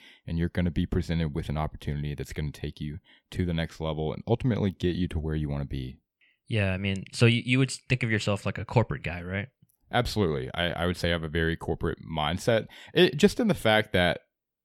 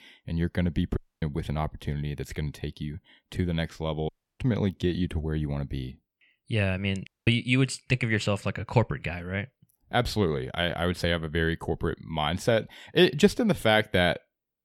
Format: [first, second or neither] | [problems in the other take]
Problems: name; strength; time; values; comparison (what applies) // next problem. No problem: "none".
first | audio cutting out; at 1 s, at 4 s and at 7 s